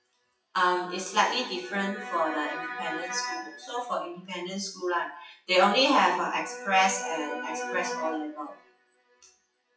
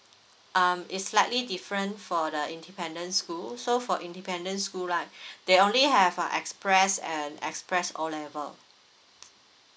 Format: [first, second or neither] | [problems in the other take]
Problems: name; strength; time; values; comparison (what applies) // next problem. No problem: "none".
second | noise reduction (classical method WPE with log-MMSE)